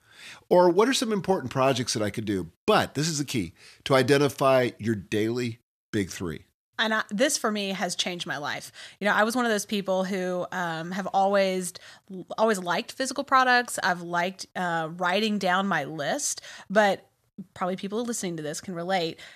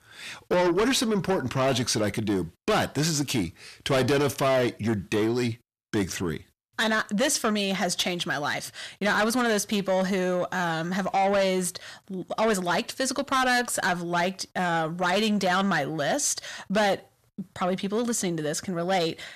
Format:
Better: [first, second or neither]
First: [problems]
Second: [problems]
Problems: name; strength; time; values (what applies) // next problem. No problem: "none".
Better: first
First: none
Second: distortion; heavy; 7 dB below the speech